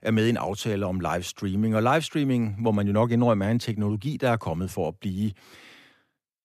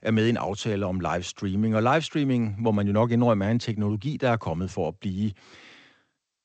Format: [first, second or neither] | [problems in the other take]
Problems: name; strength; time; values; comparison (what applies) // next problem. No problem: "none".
first | garbled, watery; slightly; nothing above 8 kHz